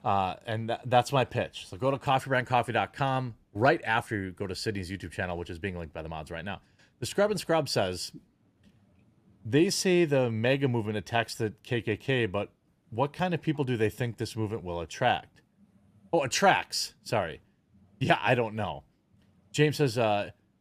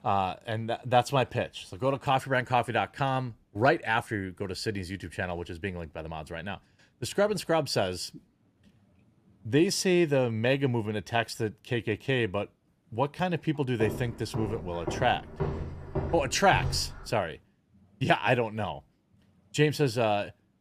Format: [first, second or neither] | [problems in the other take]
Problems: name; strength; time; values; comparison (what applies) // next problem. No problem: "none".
first | footsteps; noticeable; from 14 to 17 s; peak 4 dB below the speech